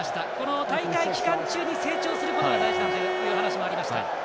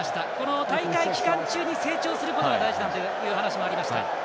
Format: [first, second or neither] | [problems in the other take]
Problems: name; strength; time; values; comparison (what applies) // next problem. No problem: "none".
second | background sound (Bowed string instrument); 7 dB below the speech